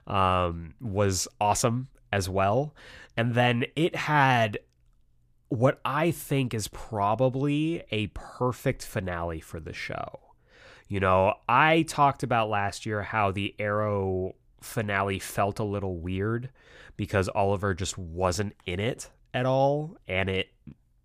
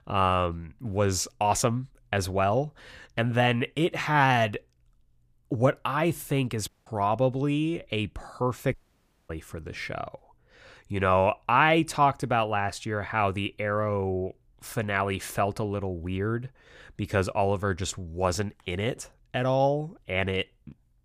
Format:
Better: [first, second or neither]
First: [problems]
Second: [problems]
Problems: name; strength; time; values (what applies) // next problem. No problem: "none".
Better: first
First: none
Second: audio cutting out; at 6.5 s and at 8.5 s for 0.5 s